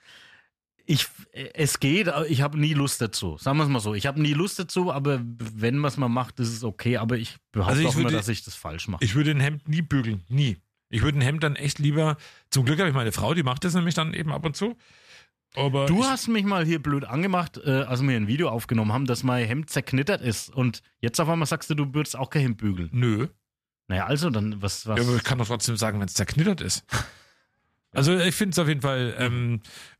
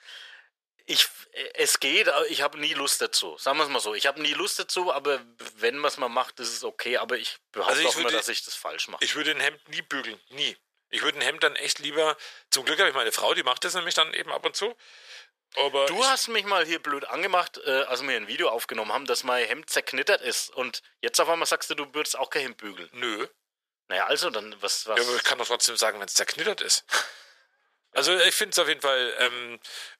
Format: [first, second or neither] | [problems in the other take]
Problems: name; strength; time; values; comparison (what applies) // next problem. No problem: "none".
first | thin; very; fading below 450 Hz